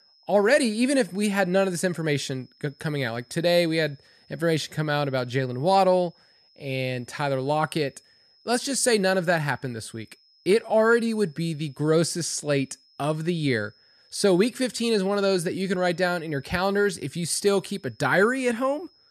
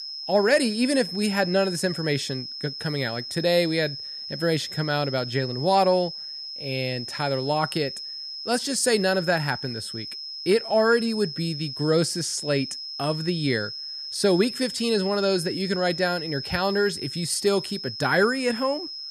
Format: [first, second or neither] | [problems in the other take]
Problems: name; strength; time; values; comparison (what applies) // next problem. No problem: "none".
first | high-pitched whine; loud; throughout; 5 kHz, 8 dB below the speech; faint in the first